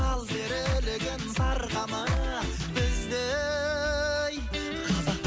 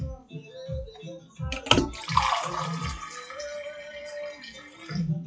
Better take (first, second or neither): first